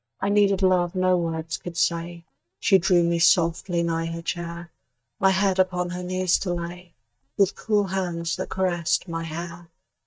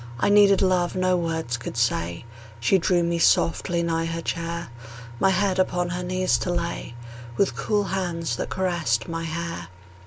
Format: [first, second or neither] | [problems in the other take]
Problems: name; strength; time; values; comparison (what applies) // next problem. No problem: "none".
second | noise reduction (neural mask model DeepFilterNet 3)